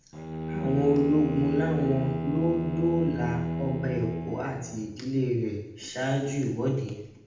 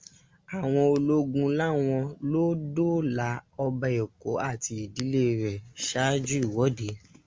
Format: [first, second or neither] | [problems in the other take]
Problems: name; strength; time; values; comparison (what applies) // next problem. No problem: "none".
second | background sound (Bowed string instrument); 5 dB below the speech // room echo; dies away in 0.8 s